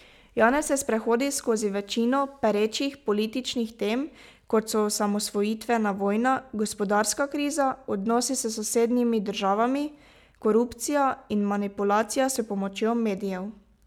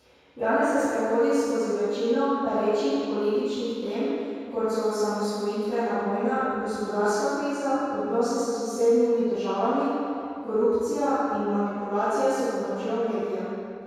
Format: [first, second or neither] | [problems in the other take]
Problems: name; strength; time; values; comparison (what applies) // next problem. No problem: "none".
first | room echo; dies away in 2.2 s